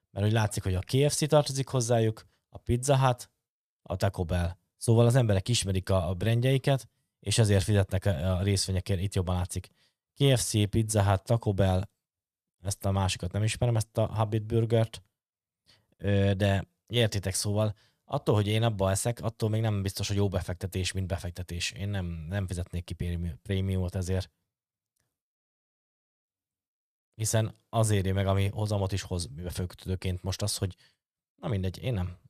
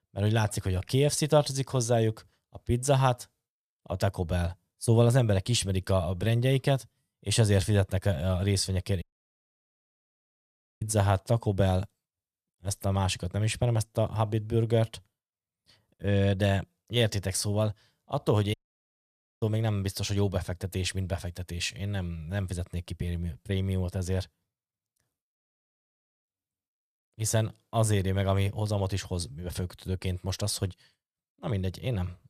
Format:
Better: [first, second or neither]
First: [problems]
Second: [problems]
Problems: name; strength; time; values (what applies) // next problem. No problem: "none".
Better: first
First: none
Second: audio cutting out; at 9 s for 2 s and at 19 s for 1 s